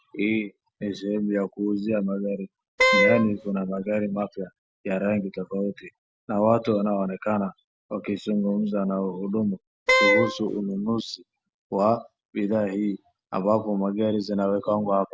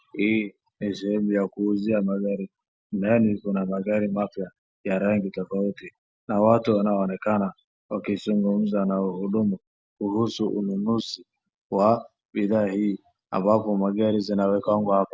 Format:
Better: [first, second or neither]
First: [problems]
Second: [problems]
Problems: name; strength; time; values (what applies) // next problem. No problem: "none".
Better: second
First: background sound (Wind instrument, woodwind instrument); 3 dB above the speech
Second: none